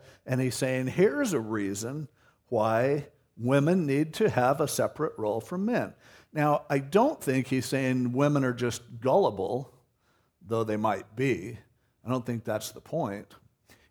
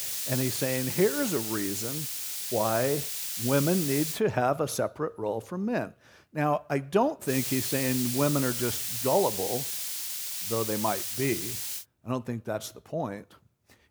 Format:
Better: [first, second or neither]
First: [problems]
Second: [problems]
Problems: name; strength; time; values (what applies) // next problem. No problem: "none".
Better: first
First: none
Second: hiss; loud; until 4 s and from 7.5 to 12 s; 1 dB below the speech